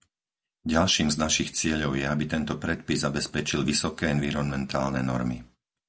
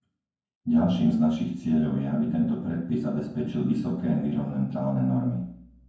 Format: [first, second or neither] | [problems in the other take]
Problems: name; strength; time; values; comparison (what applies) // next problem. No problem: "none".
first | room echo; dies away in 0.9 s